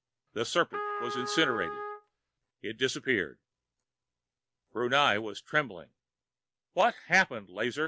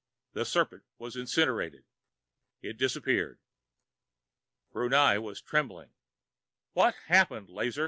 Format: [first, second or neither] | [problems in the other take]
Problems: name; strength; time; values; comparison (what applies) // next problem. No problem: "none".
second | background sound (Trumpet); 6 dB below the speech